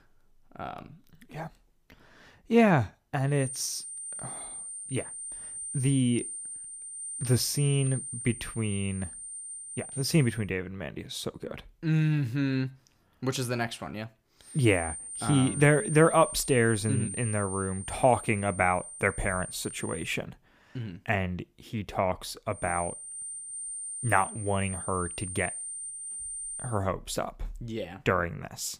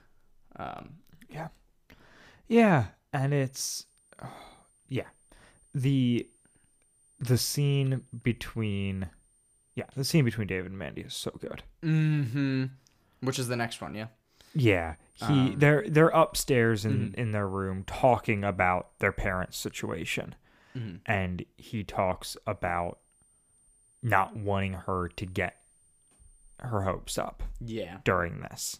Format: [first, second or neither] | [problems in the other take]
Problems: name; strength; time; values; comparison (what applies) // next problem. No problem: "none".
second | high-pitched whine; loud; from 3.5 to 10 s, from 15 to 20 s and from 23 to 27 s; 9 kHz, 8 dB below the speech; faint in the second